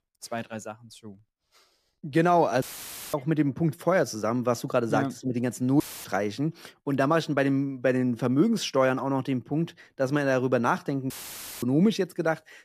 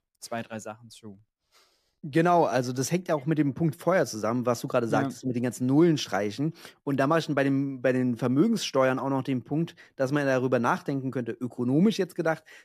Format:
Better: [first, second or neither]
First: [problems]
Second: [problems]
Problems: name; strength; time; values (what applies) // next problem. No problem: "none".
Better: second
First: audio cutting out; filled with static; at 2.5 s for 0.5 s, at 6 s and at 11 s for 0.5 s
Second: none